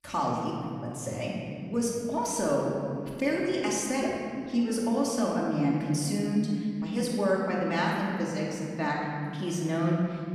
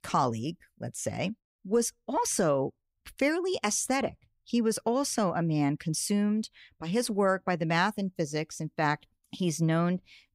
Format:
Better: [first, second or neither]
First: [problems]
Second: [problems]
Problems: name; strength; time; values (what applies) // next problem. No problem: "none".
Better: second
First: room echo; noticeable; dies away in 3 s // off-mic speech; far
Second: none